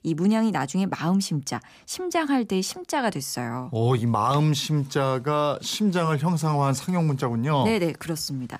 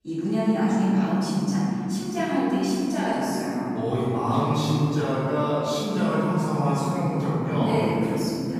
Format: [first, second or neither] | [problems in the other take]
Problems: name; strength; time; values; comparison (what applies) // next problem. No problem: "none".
first | off-mic speech; far // room echo; strong; dies away in 3 s